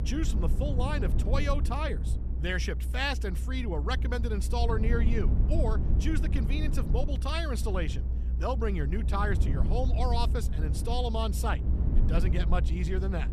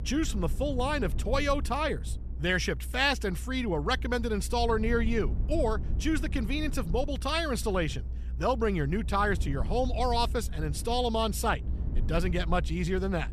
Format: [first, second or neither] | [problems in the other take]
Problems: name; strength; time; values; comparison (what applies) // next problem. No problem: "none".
second | low rumble; loud; throughout; 10 dB below the speech; faint in the second